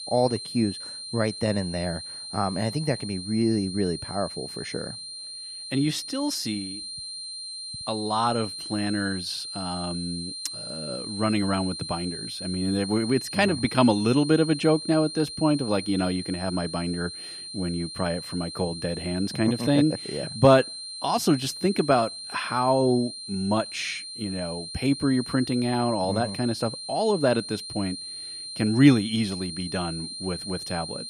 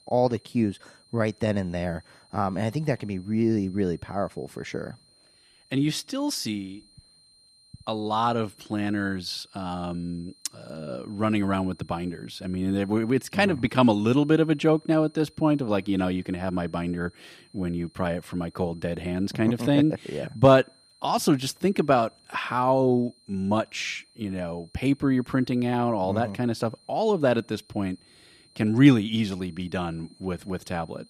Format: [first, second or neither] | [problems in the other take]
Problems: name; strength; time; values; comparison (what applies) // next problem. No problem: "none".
second | high-pitched whine; loud; throughout; 4 kHz, 8 dB below the speech; faint in the second